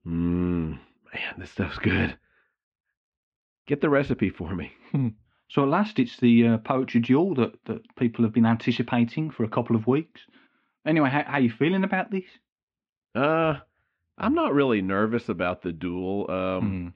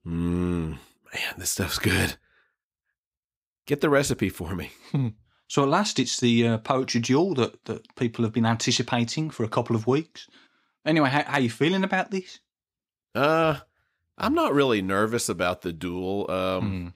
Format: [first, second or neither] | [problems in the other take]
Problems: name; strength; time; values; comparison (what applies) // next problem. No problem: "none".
second | muffled; very; fading above 3 kHz